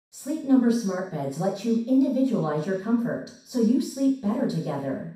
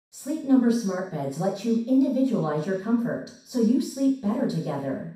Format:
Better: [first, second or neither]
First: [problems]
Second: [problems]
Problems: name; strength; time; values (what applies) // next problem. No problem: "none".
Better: neither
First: room echo; noticeable; dies away in 0.6 s // off-mic speech; far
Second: room echo; noticeable; dies away in 0.6 s // off-mic speech; far